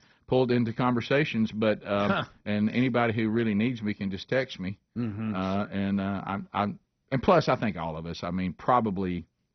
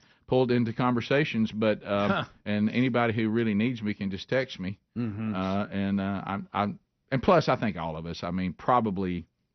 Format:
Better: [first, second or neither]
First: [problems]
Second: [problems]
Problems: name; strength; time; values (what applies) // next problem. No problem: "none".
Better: second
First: garbled, watery; badly; nothing above 6 kHz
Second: garbled, watery; slightly; nothing above 6 kHz